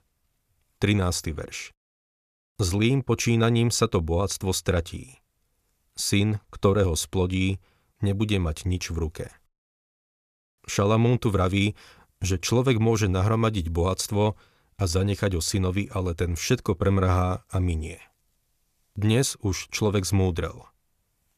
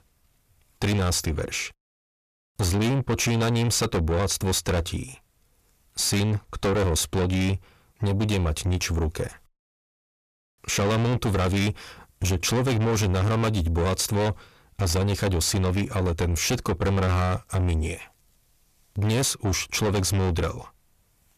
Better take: first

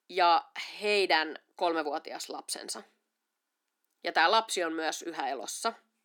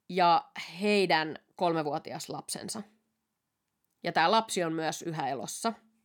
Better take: second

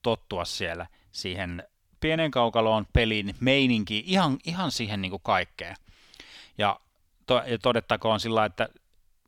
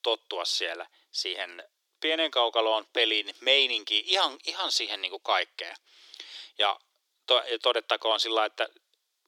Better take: first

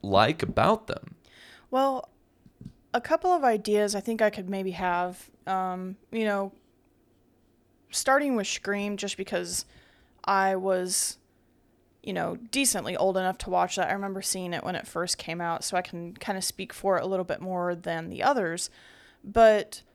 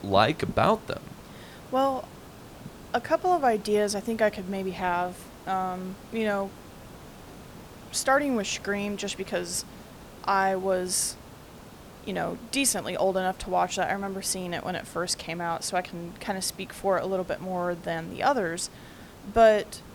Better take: first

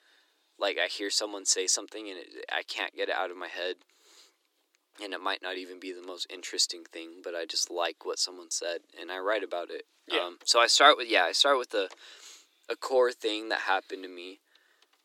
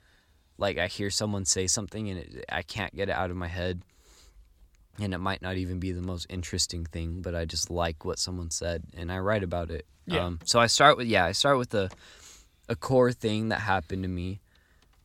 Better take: second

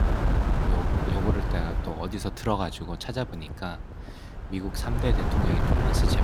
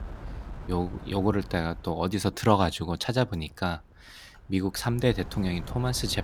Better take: second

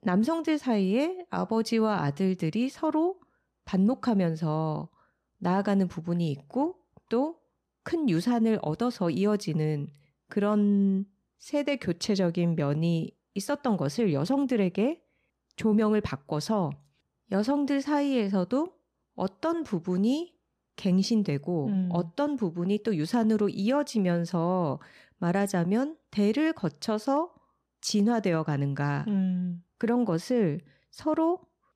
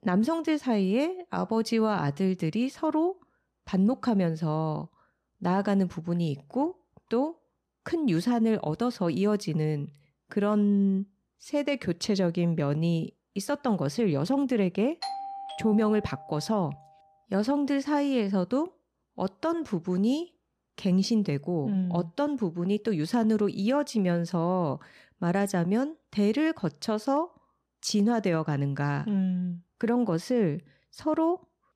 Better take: first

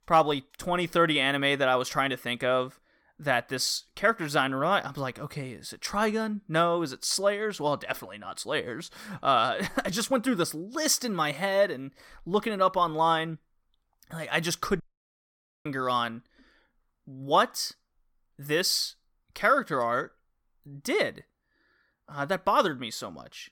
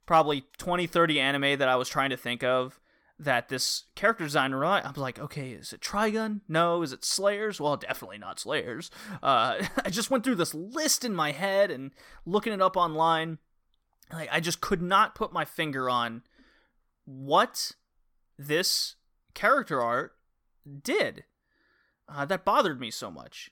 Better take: second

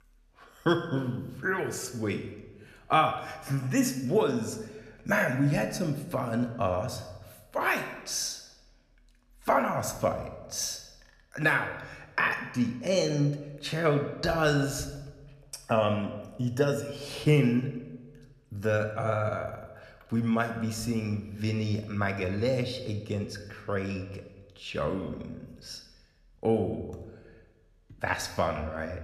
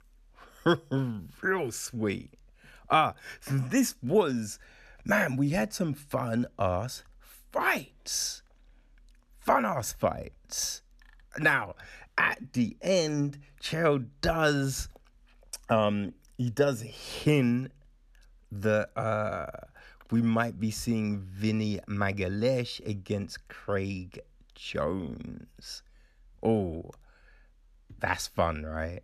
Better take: second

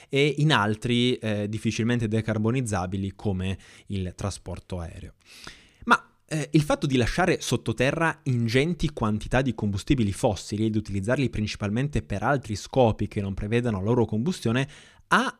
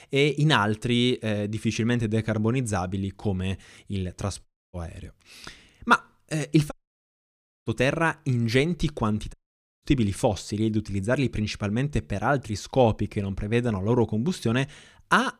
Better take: first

